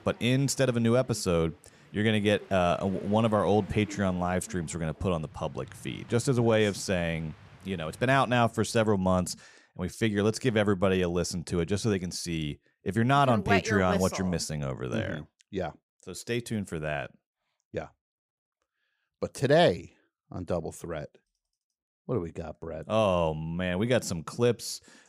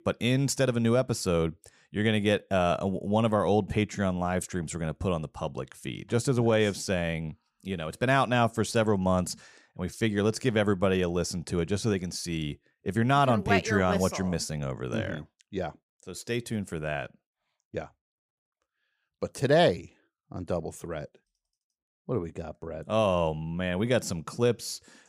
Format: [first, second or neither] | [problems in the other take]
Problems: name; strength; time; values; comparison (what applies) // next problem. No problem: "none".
second | train or aircraft noise; faint; until 8.5 s; 25 dB below the speech